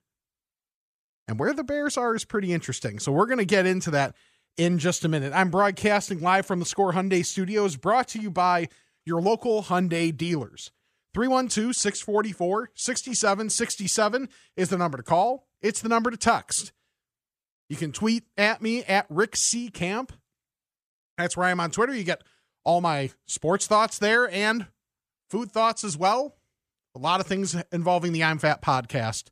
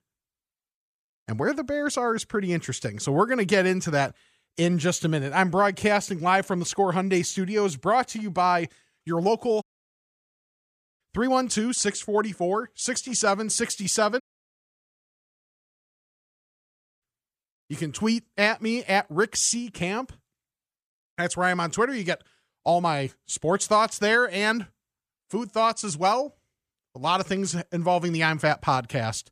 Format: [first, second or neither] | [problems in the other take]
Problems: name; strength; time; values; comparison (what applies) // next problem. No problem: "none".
first | audio cutting out; at 9.5 s for 1.5 s and at 14 s for 3 s